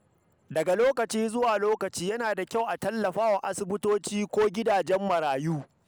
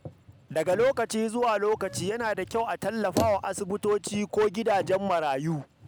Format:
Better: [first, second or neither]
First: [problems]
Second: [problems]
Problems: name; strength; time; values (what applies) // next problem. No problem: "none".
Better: first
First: none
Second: background sound (Bicycle); 13 dB below the speech